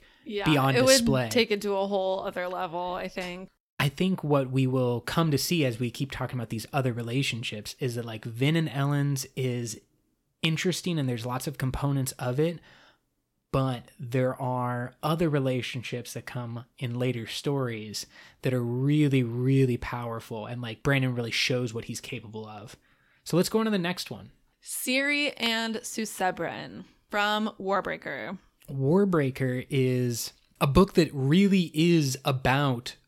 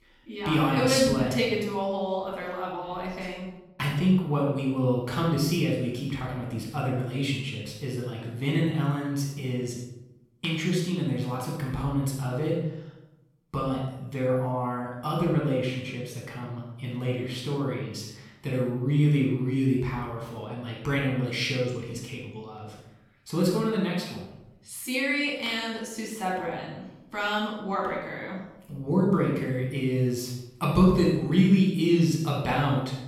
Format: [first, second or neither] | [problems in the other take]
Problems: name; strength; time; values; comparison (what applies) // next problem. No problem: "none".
first | off-mic speech; far // room echo; noticeable; dies away in 0.8 s